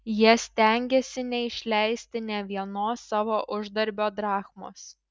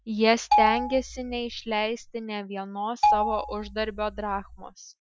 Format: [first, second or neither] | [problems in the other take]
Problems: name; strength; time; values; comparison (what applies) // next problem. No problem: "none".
first | noise reduction (classical method Wiener filter)